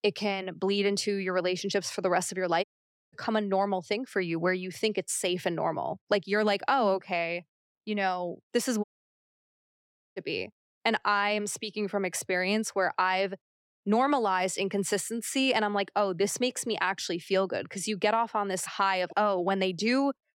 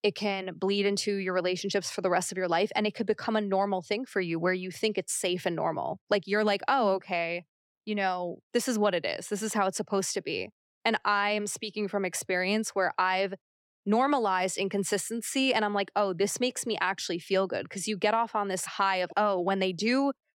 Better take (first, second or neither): second